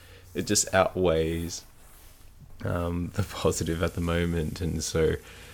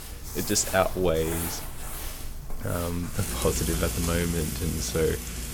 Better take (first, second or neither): first